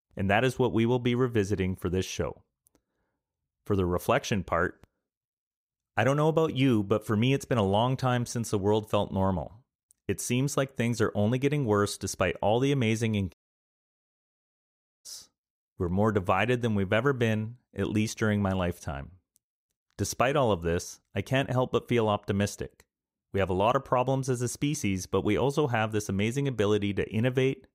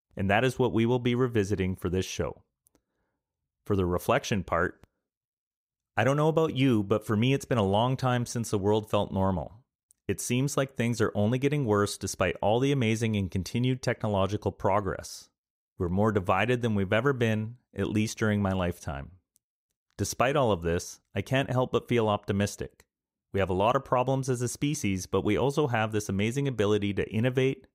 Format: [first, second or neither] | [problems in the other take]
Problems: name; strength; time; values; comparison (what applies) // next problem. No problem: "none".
second | audio cutting out; at 13 s for 1.5 s